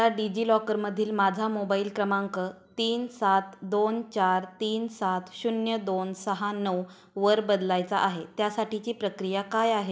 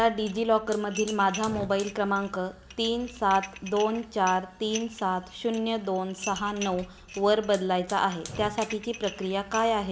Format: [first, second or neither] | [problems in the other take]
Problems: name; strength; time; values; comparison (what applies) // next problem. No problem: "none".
first | background sound (Dishes, pots, and pans + Hiss / Fire); 15 dB below the speech